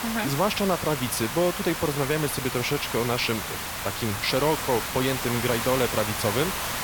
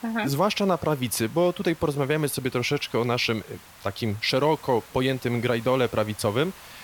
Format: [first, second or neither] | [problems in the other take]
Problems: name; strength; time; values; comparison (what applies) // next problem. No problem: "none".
second | hiss; loud; throughout; 3 dB below the speech; faint in the second